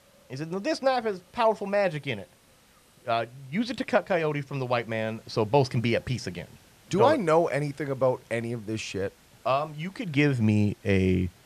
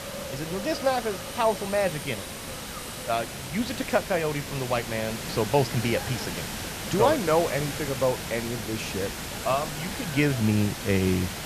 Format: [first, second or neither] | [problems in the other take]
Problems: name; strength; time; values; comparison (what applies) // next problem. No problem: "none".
first | hiss; loud; throughout; 6 dB below the speech; faint in the first